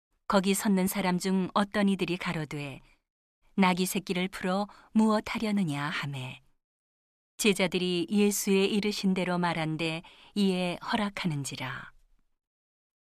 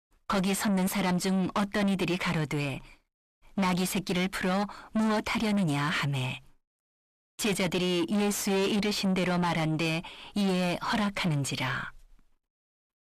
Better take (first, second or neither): first